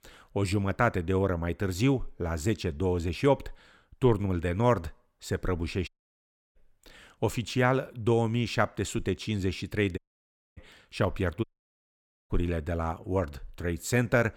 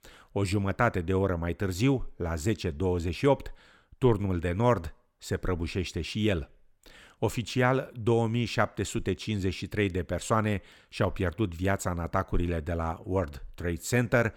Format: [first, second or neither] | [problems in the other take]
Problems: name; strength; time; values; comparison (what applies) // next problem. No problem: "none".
second | audio cutting out; at 6 s for 0.5 s, at 10 s for 0.5 s and at 11 s for 1 s